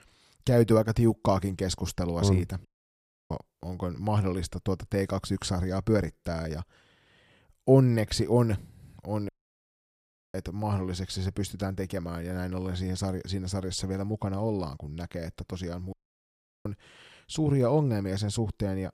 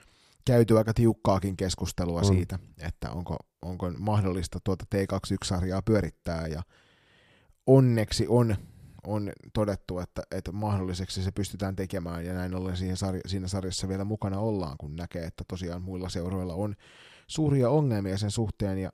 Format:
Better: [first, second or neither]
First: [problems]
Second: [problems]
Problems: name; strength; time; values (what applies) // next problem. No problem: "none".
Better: second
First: audio cutting out; at 2.5 s for 0.5 s, at 9.5 s for 1 s and at 16 s for 0.5 s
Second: none